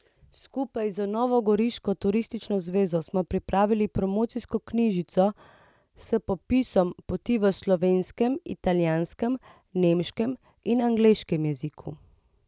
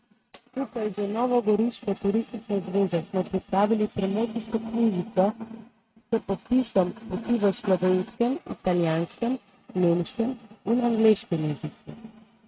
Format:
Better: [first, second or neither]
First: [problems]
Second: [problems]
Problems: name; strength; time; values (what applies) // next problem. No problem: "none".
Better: first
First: none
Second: noise reduction (neural mask model RNNoise)